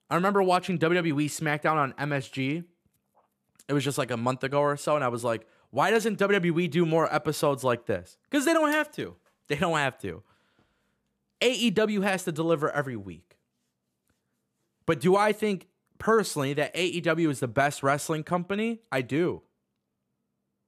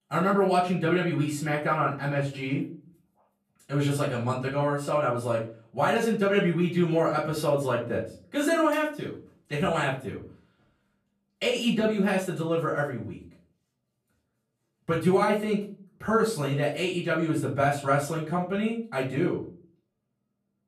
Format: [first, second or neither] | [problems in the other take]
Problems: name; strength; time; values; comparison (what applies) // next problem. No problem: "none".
first | room echo; slight; dies away in 0.4 s // off-mic speech; far